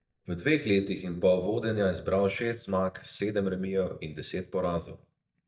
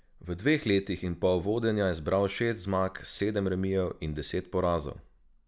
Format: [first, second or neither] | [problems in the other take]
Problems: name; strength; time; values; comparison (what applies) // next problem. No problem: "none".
second | noise reduction (neural mask model DeepFilterNet 3)